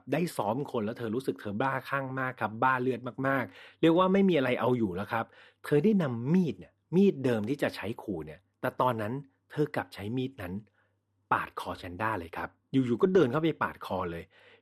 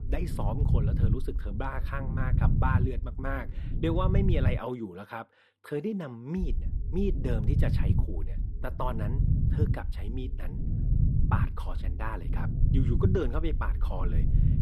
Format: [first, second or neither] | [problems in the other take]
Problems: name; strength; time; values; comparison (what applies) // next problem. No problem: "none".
first | low rumble; loud; until 4.5 s and from 6.5 s on; 6 dB below the speech